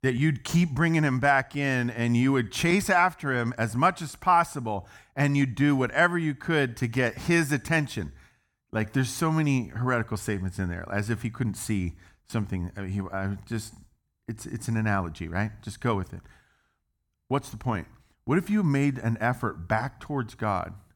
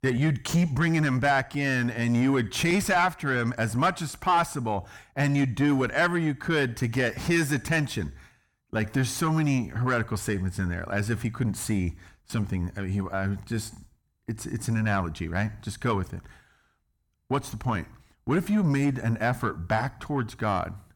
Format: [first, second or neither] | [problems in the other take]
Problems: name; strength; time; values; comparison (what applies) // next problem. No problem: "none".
first | distortion; slight; 10 dB below the speech